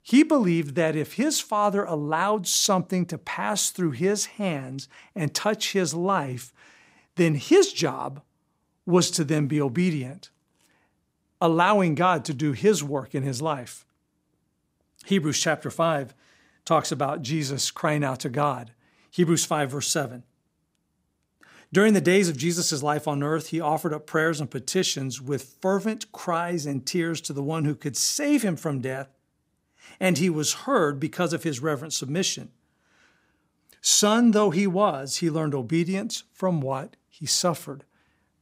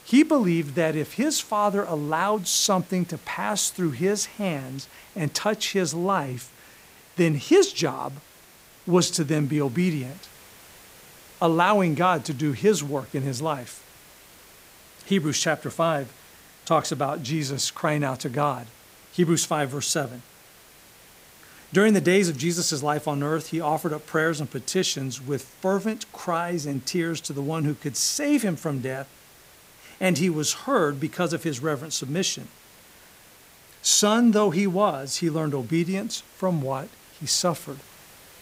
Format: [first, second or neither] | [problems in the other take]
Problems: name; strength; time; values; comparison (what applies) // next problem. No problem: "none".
first | hiss; faint; throughout; 25 dB below the speech